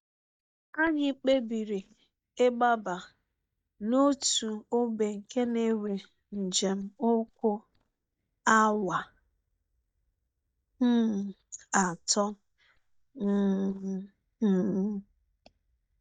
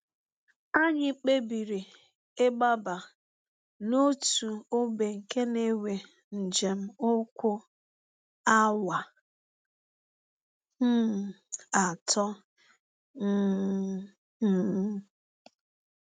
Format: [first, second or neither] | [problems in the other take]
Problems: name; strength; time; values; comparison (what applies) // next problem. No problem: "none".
second | noise reduction (neural mask model DeepFilterNet 3)